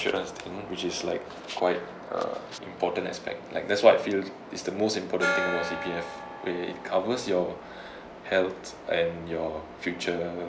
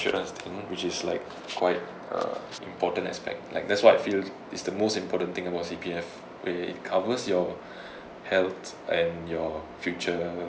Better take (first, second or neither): second